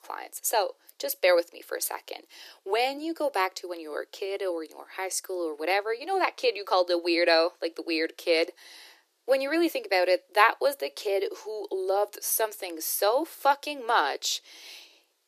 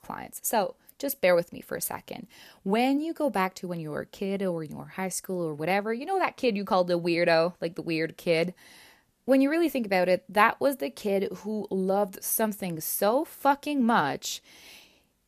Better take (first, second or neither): second